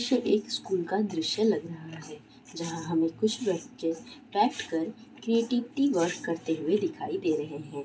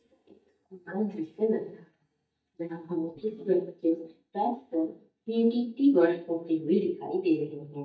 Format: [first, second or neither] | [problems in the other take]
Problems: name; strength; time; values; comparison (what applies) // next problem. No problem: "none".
first | noise reduction (neural mask model DeepFilterNet 3)